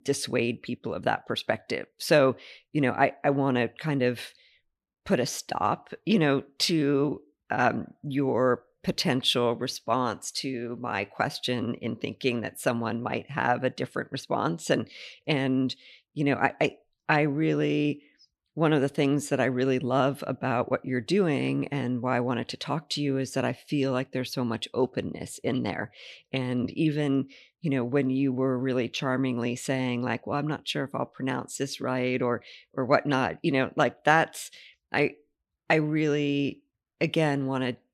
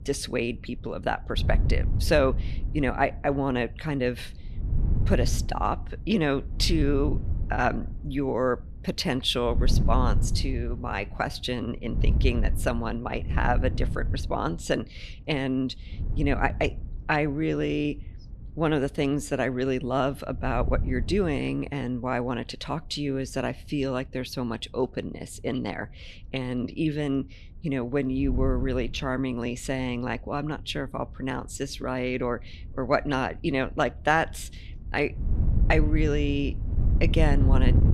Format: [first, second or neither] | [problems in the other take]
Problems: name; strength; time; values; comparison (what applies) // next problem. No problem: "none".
first | wind noise on the microphone; occasional gusts; 15 dB below the speech